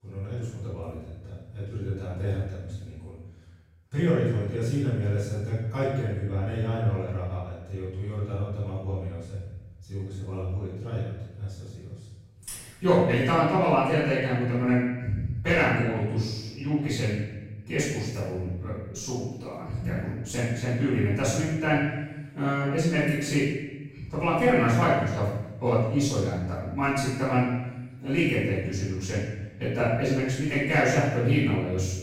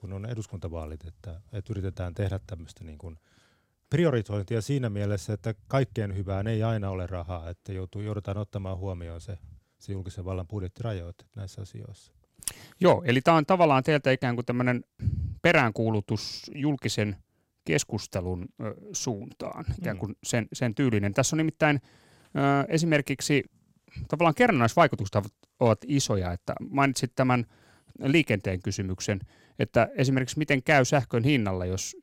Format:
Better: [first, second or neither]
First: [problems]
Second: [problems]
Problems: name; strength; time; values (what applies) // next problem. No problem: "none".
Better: second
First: room echo; strong; dies away in 1 s // off-mic speech; far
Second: none